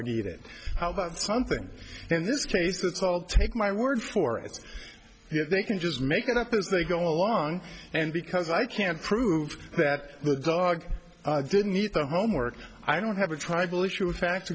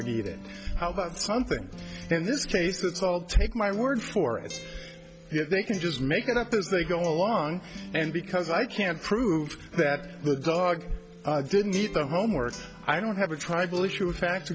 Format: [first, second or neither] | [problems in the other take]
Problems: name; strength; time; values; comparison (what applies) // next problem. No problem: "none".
first | background sound (Acoustic guitar); 17 dB below the speech